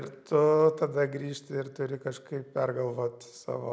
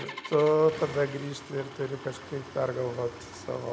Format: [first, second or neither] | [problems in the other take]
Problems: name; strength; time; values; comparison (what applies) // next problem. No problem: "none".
first | background sound (Engine starting); 14 dB below the speech